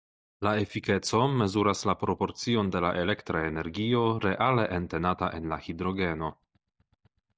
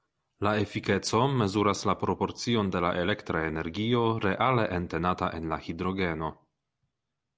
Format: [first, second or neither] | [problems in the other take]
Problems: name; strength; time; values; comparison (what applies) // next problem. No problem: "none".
second | noise reduction (neural mask model DeepFilterNet 3)